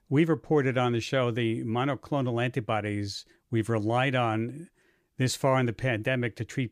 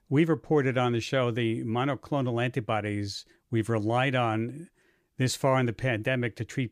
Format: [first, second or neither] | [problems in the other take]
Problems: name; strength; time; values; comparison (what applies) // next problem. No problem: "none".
neither | none